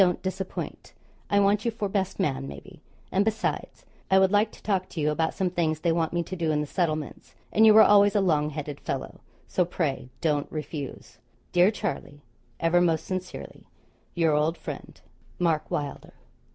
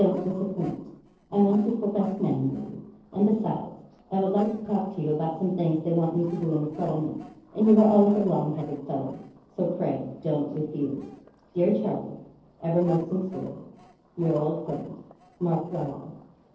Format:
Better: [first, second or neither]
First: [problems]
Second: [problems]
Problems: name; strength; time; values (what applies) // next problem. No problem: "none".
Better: first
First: none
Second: noise reduction (neural separator model SepFormer DNS4)